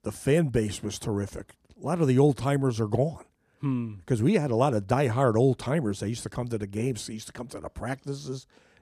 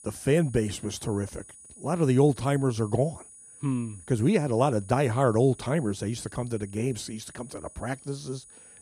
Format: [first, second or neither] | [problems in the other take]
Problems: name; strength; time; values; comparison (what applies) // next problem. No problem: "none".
first | high-pitched whine; noticeable; throughout; 9.5 kHz, 20 dB below the speech